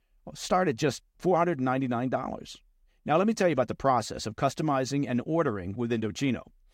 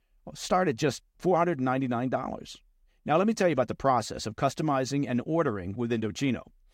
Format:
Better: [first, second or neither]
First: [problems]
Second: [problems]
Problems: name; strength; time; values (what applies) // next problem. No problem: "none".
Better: neither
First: none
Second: none